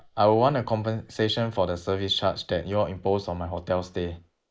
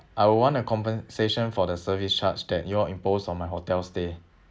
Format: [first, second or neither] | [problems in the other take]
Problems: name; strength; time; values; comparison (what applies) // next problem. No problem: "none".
second | noise reduction (neural mask model Resemble Enhance denoiser)